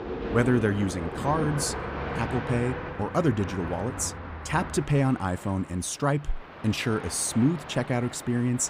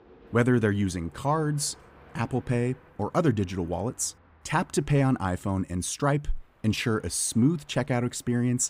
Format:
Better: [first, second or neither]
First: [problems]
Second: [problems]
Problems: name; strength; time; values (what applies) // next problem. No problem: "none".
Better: second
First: train or aircraft noise; loud; throughout; 8 dB below the speech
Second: train or aircraft noise; faint; throughout; 30 dB below the speech